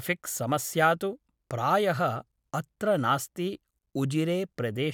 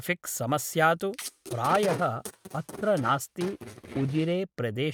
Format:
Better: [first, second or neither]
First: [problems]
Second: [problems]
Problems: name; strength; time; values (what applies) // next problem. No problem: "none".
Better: first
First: none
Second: noise reduction (neural mask model RNNoise)